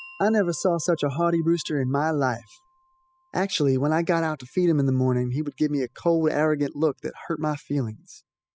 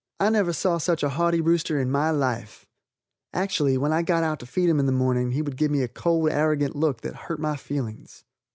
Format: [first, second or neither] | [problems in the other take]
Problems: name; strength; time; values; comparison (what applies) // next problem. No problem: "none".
second | noise reduction (classical method spectral subtraction)